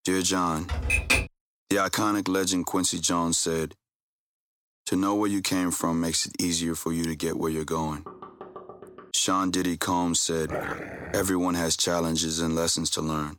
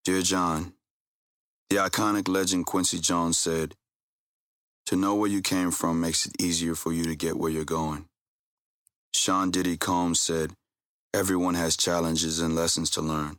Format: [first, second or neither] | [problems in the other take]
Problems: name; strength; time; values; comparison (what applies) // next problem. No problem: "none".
second | keyboard typing; loud; at 0.5 s; peak 4 dB above the speech // door banging; faint; from 8 to 9 s; peak 15 dB below the speech // dog barking; noticeable; at 10 s; peak 6 dB below the speech